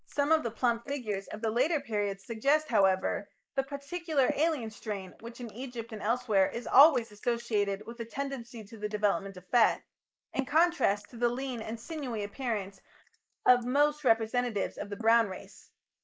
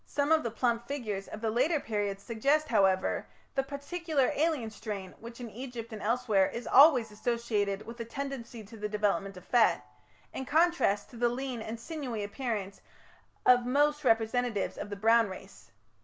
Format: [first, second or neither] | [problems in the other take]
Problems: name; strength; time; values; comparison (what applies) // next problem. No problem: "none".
second | noise reduction (neural mask model Resemble Enhance denoiser)